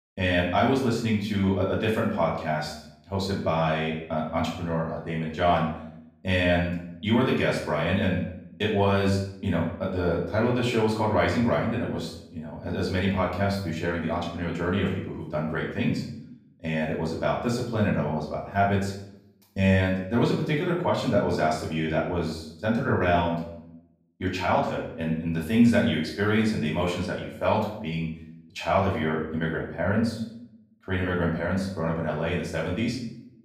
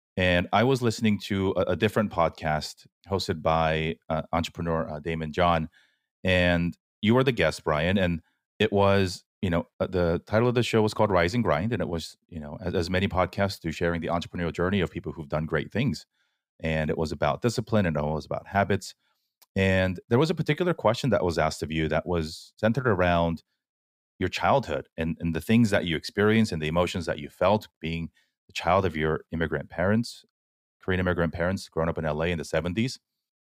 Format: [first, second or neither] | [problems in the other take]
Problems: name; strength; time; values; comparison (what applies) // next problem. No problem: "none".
second | room echo; noticeable; dies away in 0.6 s // off-mic speech; far